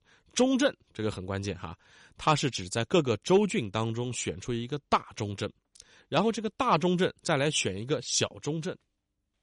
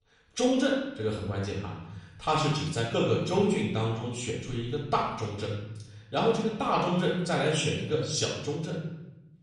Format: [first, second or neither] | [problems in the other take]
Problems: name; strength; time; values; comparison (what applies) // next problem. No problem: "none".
first | off-mic speech; far // room echo; noticeable; dies away in 1 s